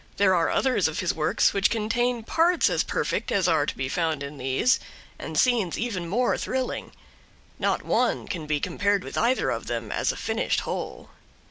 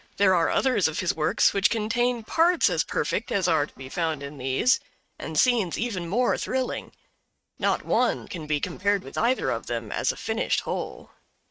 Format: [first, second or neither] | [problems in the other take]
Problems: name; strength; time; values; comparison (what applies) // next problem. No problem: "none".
first | noise reduction (neural mask model RNNoise)